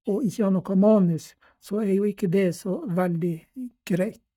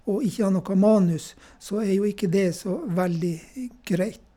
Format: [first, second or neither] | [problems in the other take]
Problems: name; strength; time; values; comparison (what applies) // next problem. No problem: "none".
second | noise reduction (neural mask model DeepFilterNet 3)